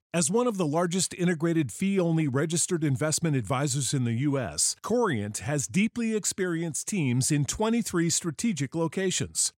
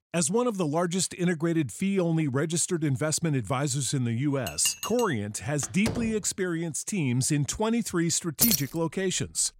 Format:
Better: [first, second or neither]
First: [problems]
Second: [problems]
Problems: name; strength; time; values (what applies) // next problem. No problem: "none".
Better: first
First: none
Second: clattering dishes; noticeable; at 4.5 s; peak 5 dB below the speech // door banging; noticeable; at 5.5 s; peak 7 dB below the speech // jangling keys; loud; at 8.5 s; peak 4 dB above the speech